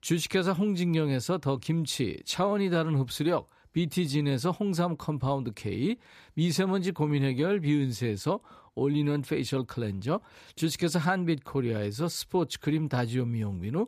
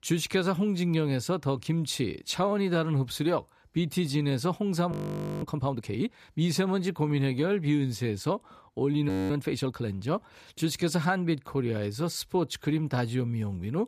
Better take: first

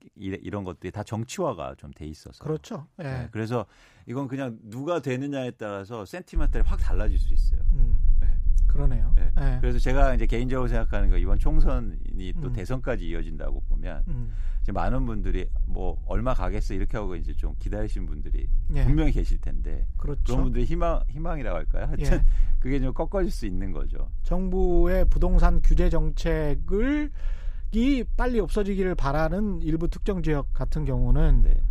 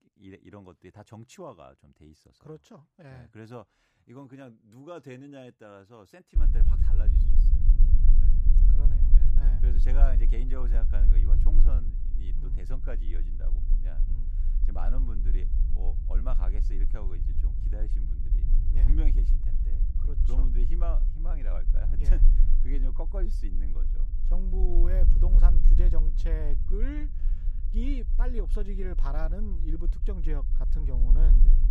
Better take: first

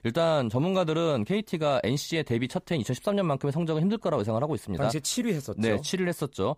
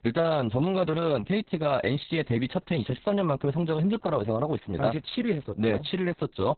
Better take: first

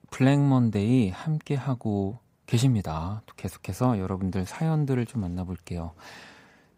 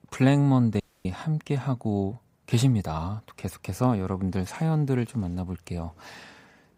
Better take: first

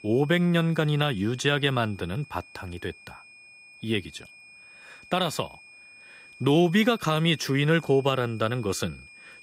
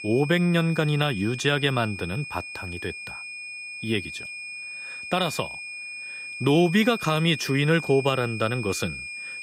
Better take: first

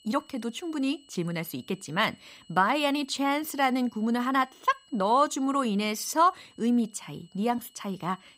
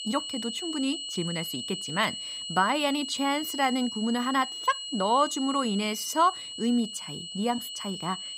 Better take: first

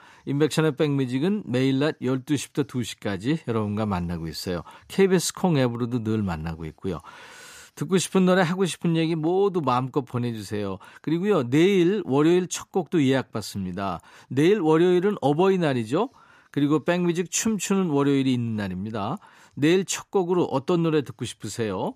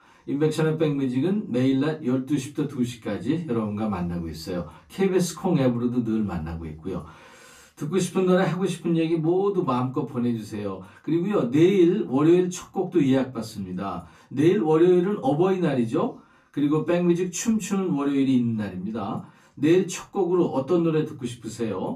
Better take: first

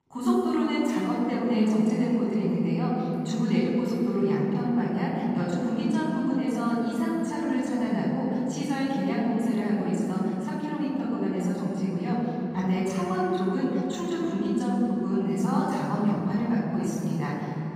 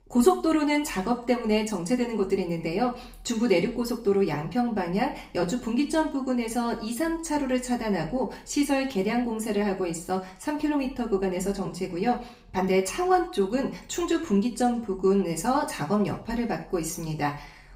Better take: second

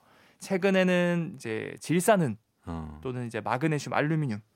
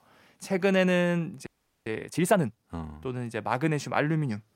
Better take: first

